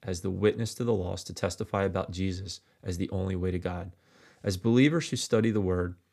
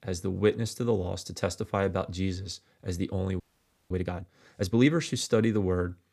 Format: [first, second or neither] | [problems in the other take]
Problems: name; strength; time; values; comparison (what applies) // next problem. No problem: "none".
first | audio freezing; at 3.5 s for 0.5 s